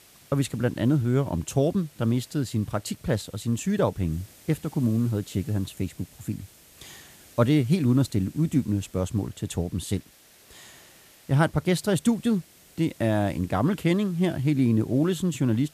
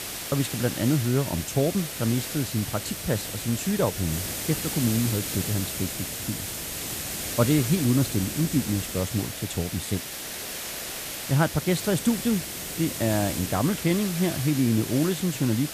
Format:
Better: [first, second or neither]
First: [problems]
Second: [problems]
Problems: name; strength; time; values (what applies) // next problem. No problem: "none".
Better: first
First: hiss; faint; throughout; 25 dB below the speech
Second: hiss; loud; throughout; 5 dB below the speech